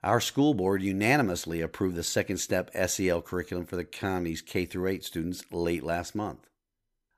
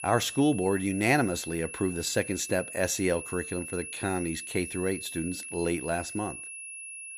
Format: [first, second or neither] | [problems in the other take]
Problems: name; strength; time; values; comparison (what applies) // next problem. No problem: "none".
first | high-pitched whine; loud; throughout; 2.5 kHz, 9 dB below the speech